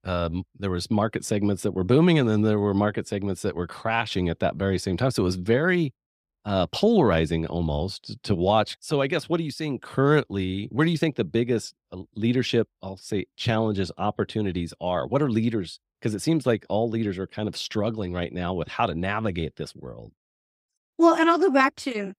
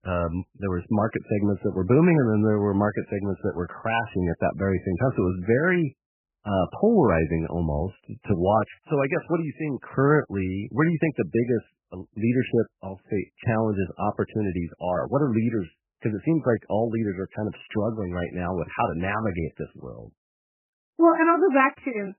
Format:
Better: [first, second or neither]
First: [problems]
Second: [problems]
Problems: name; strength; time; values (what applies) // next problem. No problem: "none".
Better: first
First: none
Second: garbled, watery; badly; nothing above 3 kHz